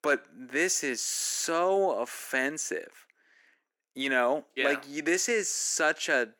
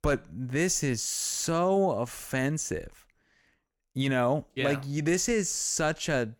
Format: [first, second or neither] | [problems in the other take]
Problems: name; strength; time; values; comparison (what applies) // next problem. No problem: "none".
second | thin; somewhat; fading below 300 Hz